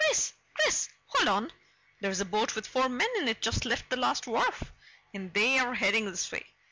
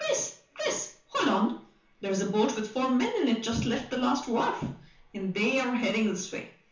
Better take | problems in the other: first | room echo; dies away in 0.9 s

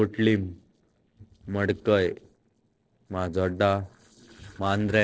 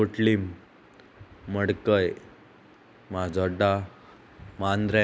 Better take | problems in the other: second | noise reduction (neural separator model SepFormer DNS4)

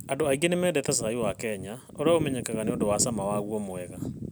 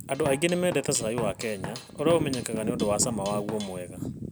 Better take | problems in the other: first | background sound (Drum kit); 12 dB below the speech

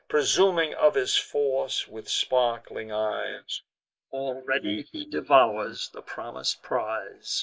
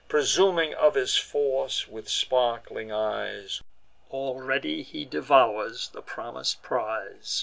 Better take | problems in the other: second | noise reduction (neural mask model Resemble Enhance denoiser)

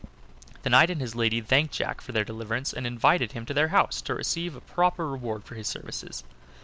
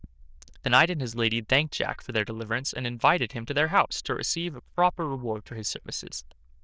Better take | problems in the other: first | noise reduction (neural diffusion model UNIVERSE++)

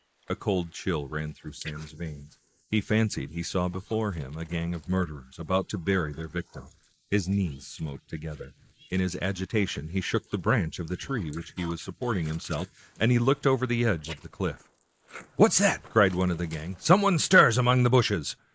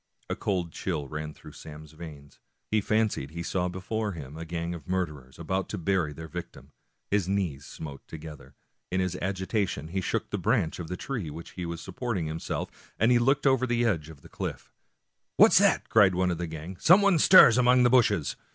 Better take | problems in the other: second | noise reduction (neural mask model Resemble Enhance denoiser)

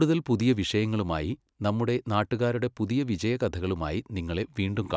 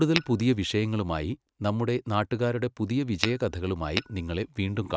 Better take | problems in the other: first | noise reduction (neural mask model RNNoise)

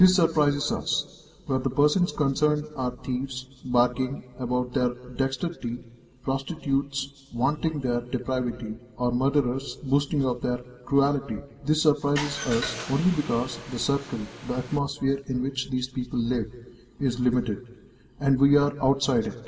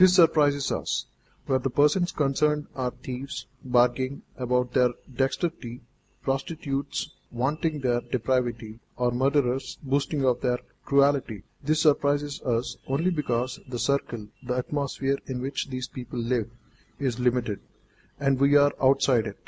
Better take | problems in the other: second | background sound (Car); 11 dB below the speech // room echo; dies away in 1.9 s

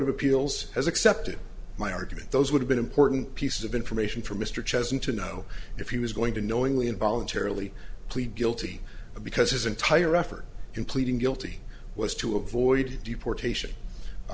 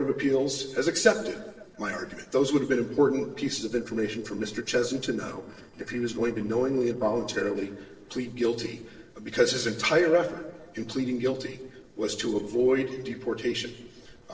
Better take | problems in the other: first | noise reduction (neural separator model SepFormer DNS4)

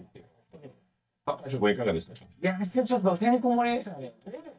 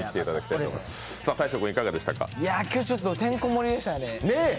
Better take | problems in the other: second | noise reduction (neural mask model DeepFilterNet 3)

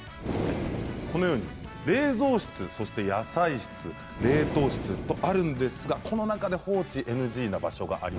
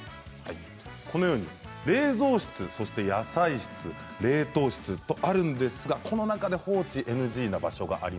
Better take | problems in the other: second | background sound (Breathing); 8 dB below the speech

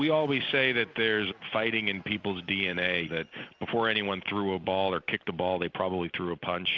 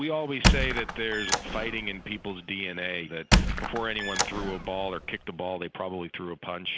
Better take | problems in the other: first | background sound (Squeak); 5 dB above the speech

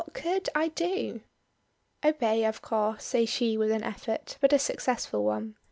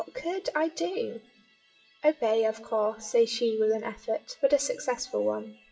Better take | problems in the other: first | noise reduction (classical method WPE with log-MMSE)

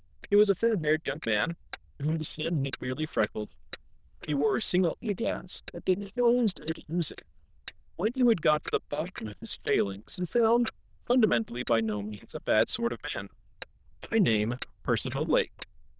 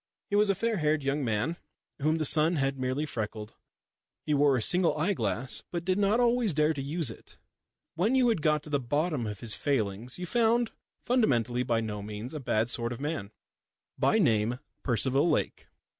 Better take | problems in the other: second | noise reduction (neural diffusion model UNIVERSE++)

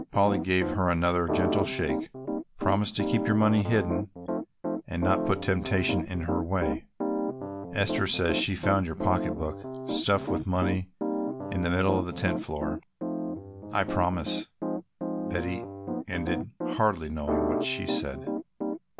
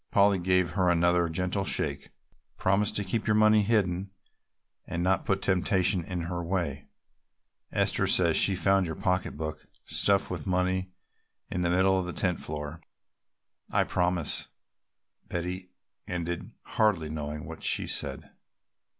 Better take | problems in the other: second | background sound (Piano); 3 dB below the speech

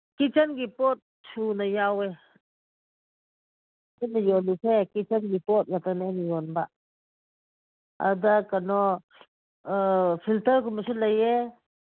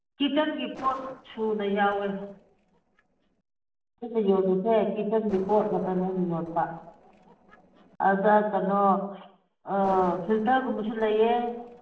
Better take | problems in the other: first | noise reduction (neural separator model SepFormer DNS4)

